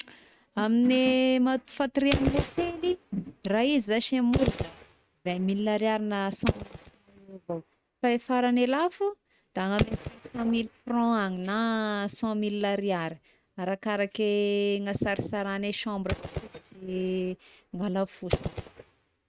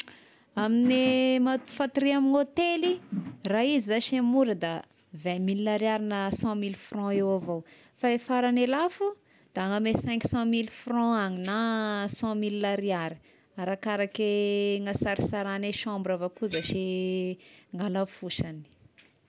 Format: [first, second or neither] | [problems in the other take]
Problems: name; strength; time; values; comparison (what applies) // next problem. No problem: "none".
second | noise reduction (neural mask model RNNoise)